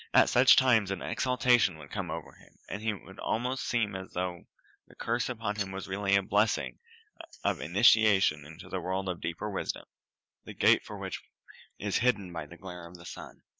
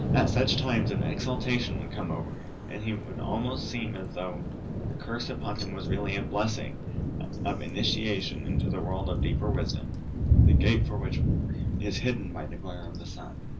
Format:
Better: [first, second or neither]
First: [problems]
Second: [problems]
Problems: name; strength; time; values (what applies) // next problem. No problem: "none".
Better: first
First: none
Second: background sound (Thunder / Rain); 4 dB above the speech // room echo; dies away in 0.4 s